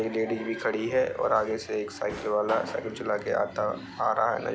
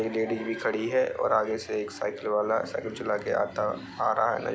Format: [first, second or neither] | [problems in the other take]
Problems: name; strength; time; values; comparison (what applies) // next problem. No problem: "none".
second | background sound (Drawer open or close); 14 dB below the speech